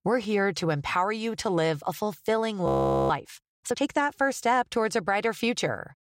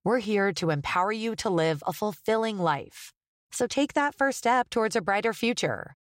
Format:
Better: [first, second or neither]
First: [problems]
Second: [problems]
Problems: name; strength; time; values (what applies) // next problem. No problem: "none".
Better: second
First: audio freezing; at 2.5 s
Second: none